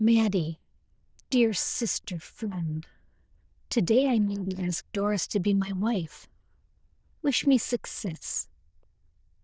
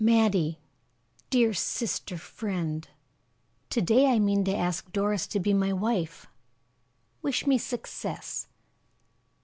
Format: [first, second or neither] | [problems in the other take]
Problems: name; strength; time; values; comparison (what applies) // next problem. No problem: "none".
second | noise reduction (neural diffusion model UNIVERSE++)